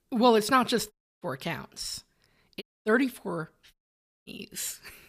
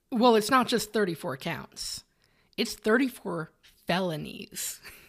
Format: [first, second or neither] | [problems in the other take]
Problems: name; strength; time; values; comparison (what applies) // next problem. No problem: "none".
second | audio cutting out; at 1 s, at 2.5 s and at 3.5 s for 0.5 s